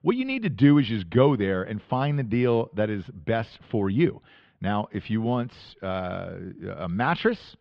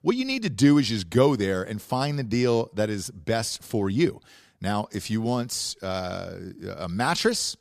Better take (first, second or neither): second